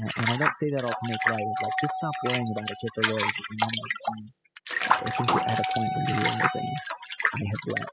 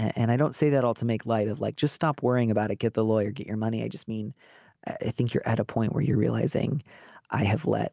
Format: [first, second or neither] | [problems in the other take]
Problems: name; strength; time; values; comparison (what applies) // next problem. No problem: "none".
second | noise reduction (classical method spectral subtraction)